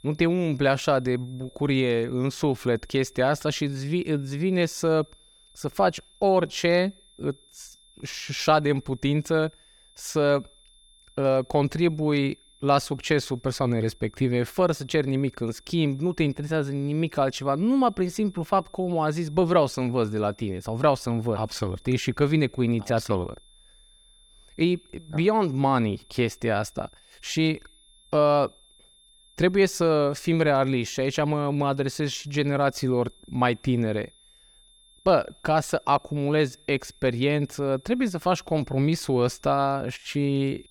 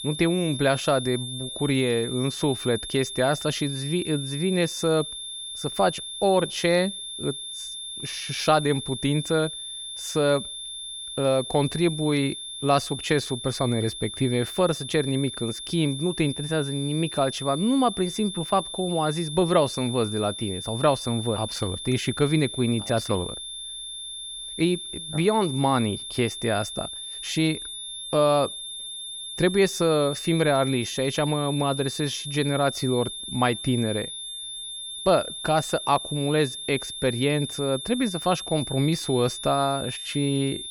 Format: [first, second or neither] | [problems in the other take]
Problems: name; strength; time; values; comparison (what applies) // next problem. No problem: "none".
first | high-pitched whine; loud; throughout; 3.5 kHz, 8 dB below the speech; faint in the first